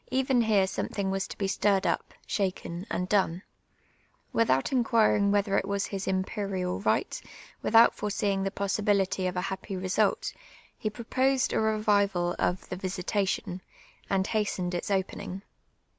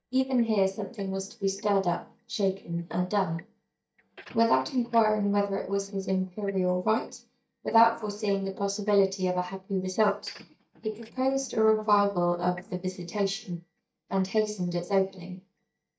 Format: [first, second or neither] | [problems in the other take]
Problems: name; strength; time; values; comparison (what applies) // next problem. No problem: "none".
first | noise reduction (neural mask model DeepFilterNet 3)